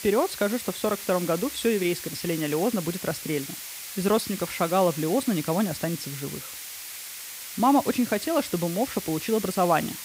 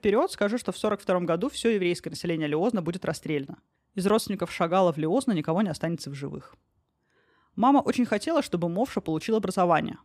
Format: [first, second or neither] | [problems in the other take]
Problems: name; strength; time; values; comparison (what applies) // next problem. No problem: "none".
second | hiss; loud; throughout; 9 dB below the speech